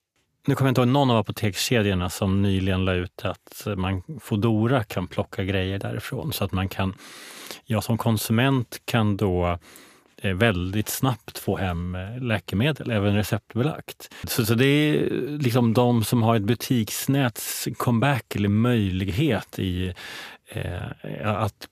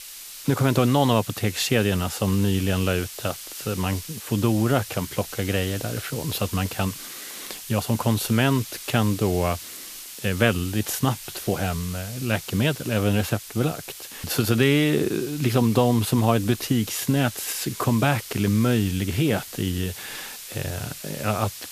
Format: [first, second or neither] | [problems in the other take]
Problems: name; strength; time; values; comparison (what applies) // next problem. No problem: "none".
first | hiss; noticeable; throughout; 10 dB below the speech